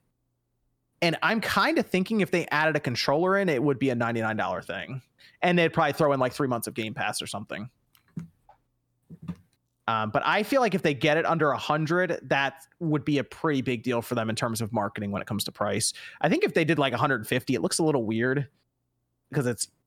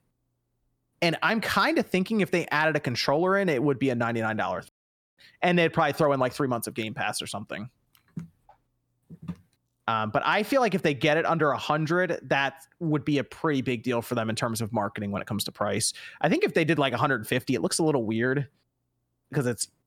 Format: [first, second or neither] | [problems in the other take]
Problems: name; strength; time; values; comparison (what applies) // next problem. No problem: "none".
first | audio cutting out; at 4.5 s